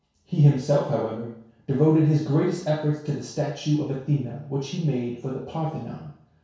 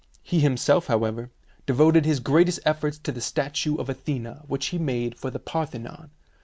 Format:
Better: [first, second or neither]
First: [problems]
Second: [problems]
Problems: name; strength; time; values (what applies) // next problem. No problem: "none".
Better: second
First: room echo; dies away in 0.6 s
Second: none